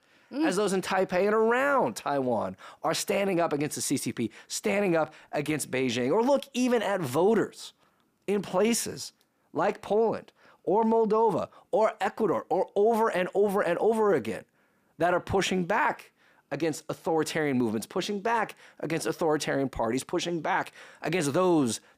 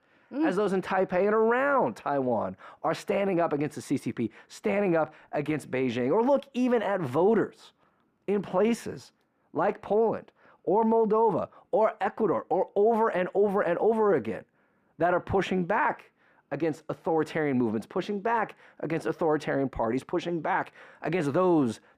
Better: first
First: none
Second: muffled; slightly; fading above 3 kHz

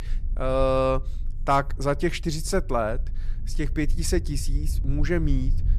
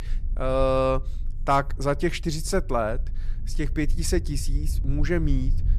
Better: neither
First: low rumble; faint; throughout; 25 dB below the speech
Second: low rumble; faint; throughout; 25 dB below the speech

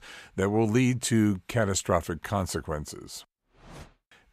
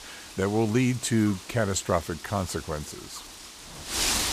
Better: first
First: none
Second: wind noise on the microphone; heavy; 6 dB below the speech

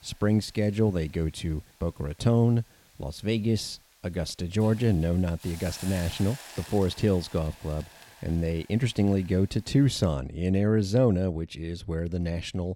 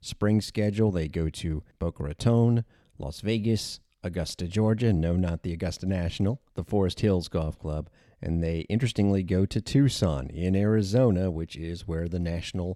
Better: second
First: hiss; noticeable; until 10 s; 20 dB below the speech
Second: none

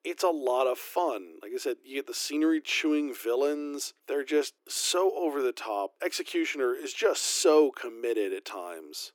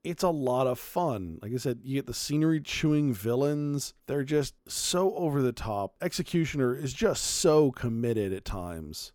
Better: second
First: thin; somewhat; fading below 300 Hz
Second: none

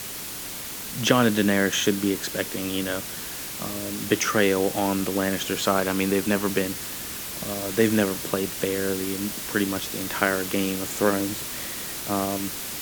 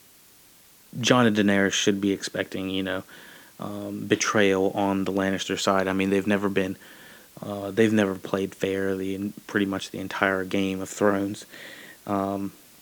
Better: second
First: hiss; loud; throughout; 5 dB below the speech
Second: hiss; faint; throughout; 25 dB below the speech

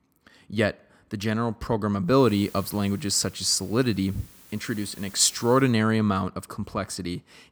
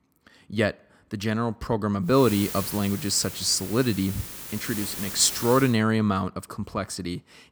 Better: first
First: hiss; faint; from 2 to 5.5 s; 20 dB below the speech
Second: hiss; loud; from 2 to 5.5 s; 9 dB below the speech

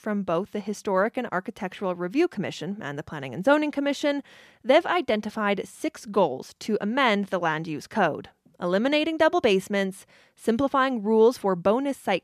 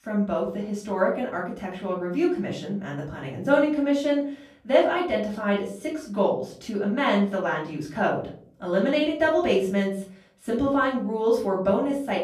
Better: first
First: none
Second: off-mic speech; far // room echo; slight; dies away in 0.4 s

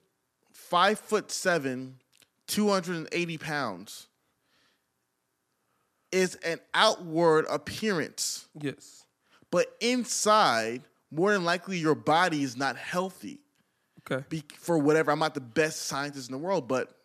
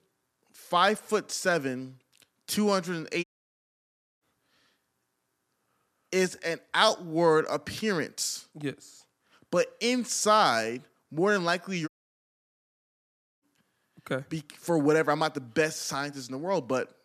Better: first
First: none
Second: audio cutting out; at 3 s for 1 s and at 12 s for 1.5 s

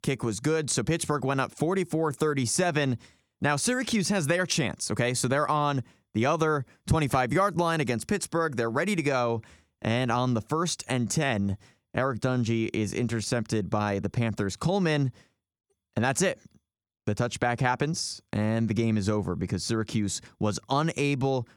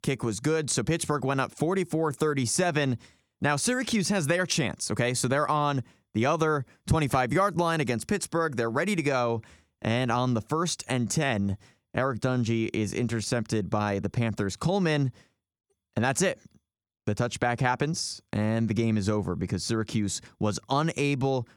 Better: neither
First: none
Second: none

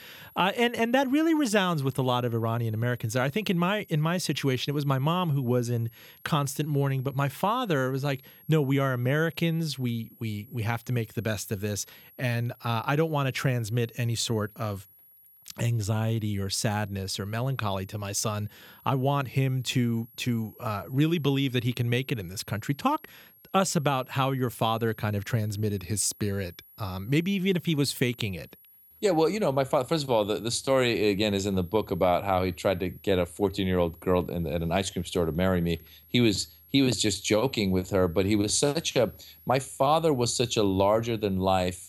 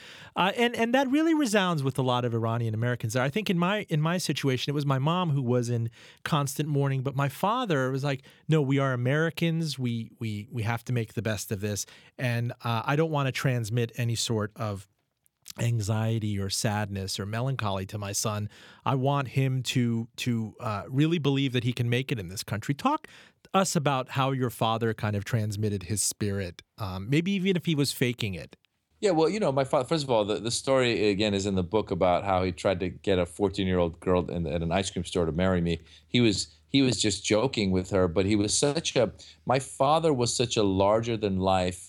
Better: second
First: high-pitched whine; faint; throughout; 11.5 kHz, 25 dB below the speech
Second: none

